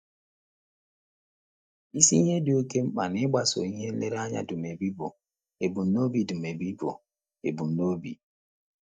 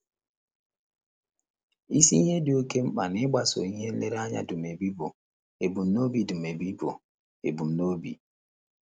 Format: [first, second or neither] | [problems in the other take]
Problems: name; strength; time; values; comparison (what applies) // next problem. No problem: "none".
second | noise reduction (neural mask model DeepFilterNet 3)